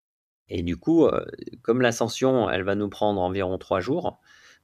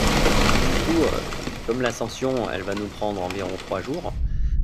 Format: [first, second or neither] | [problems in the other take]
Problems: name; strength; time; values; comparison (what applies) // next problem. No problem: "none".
first | rain or running water; very loud; throughout; 1 dB above the speech